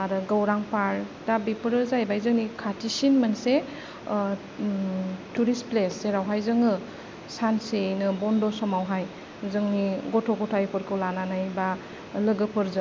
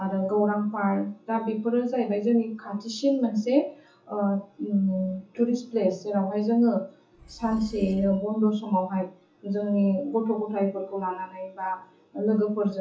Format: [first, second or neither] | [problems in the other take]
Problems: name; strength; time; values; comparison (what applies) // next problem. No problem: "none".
first | noise reduction (classical method WPE with log-MMSE)